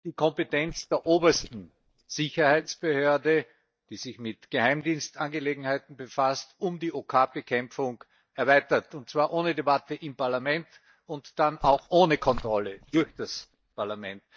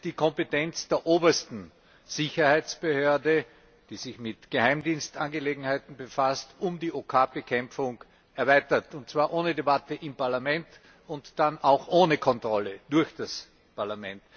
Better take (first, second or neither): second